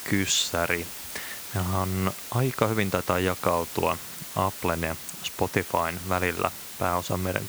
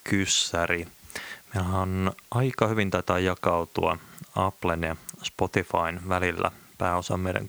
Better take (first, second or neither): second